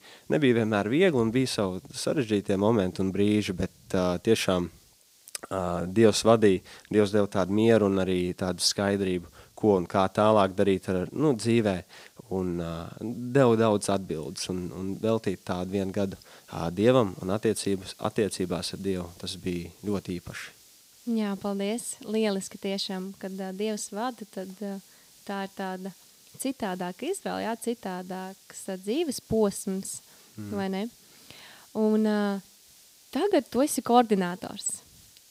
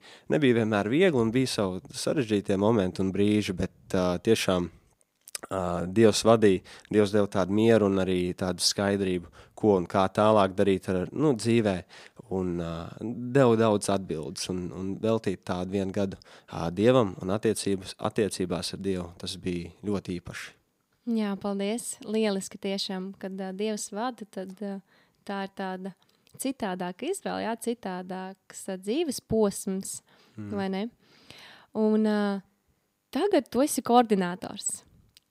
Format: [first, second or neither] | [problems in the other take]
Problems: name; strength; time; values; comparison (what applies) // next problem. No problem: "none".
second | hiss; faint; throughout; 25 dB below the speech